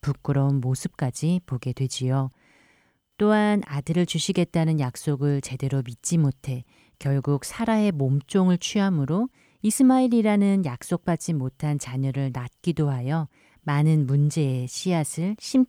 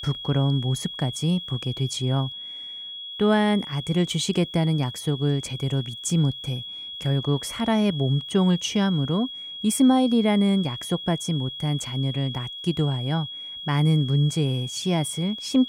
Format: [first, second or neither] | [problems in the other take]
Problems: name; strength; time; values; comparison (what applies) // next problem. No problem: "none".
first | high-pitched whine; loud; throughout; 3.5 kHz, 9 dB below the speech